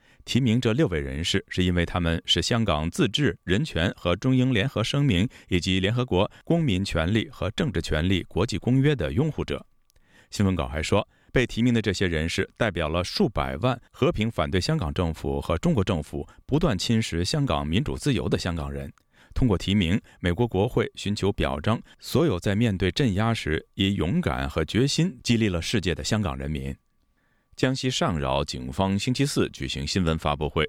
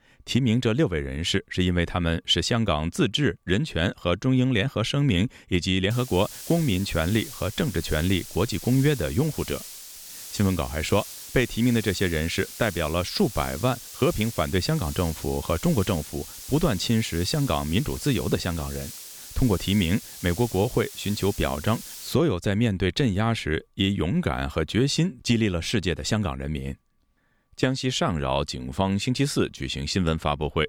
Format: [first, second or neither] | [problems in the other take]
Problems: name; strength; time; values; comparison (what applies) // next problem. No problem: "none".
first | hiss; noticeable; from 6 to 22 s; 10 dB below the speech